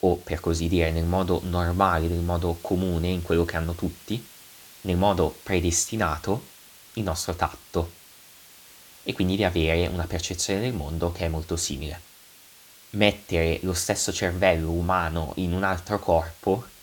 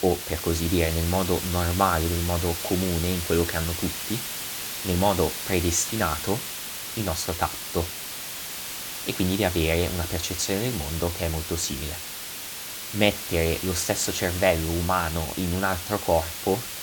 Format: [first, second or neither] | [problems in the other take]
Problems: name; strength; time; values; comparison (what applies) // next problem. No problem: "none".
first | hiss; loud; throughout; 5 dB below the speech; faint in the first